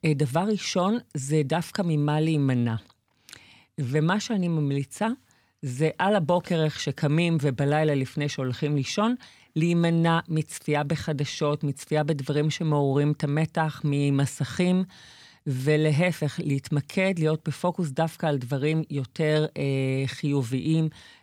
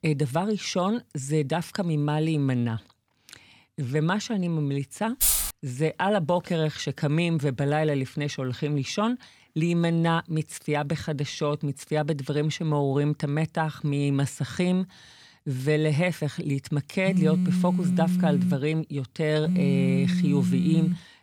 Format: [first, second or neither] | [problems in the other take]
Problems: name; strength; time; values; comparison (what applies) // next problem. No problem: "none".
first | jangling keys; loud; at 5 s; peak 6 dB above the speech // phone ringing; loud; from 17 s on; peak 3 dB above the speech